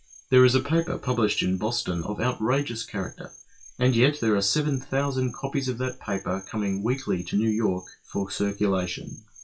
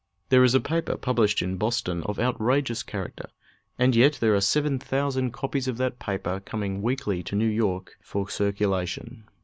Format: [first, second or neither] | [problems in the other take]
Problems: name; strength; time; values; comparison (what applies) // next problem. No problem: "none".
second | noise reduction (classical method WPE with log-MMSE)